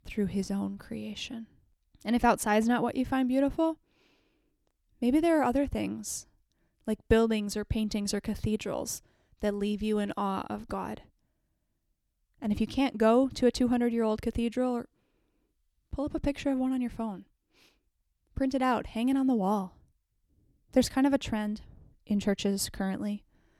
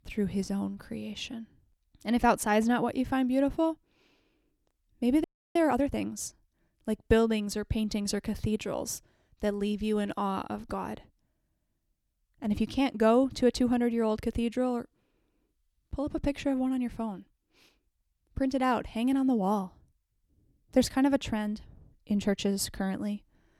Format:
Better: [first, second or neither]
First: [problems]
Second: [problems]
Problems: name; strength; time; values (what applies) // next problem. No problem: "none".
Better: first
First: none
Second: audio freezing; at 5 s